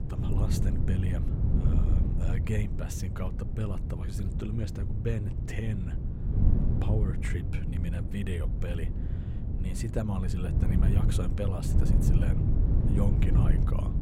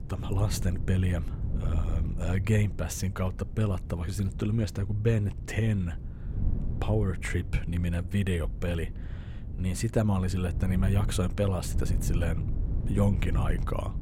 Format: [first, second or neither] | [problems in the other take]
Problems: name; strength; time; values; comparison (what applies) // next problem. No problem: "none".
second | wind noise on the microphone; heavy; 1 dB below the speech; occasional gusts in the second